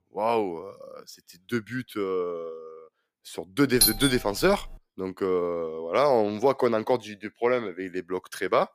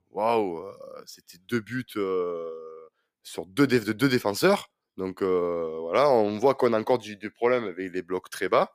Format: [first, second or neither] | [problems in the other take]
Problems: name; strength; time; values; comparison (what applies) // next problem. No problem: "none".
second | doorbell; loud; at 4 s; peak 6 dB above the speech